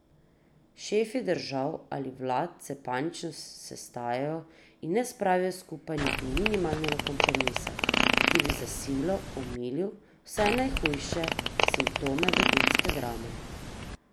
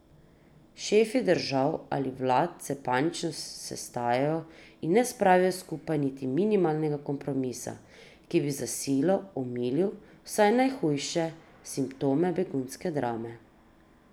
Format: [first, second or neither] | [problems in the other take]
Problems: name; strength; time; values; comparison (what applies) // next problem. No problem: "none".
second | background sound (Fart); 3 dB above the speech